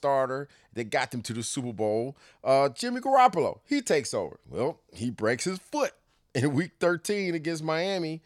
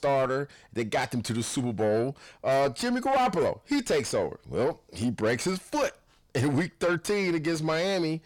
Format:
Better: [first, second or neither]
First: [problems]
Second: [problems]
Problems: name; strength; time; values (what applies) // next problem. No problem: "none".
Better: first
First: none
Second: distortion; heavy; 7 dB below the speech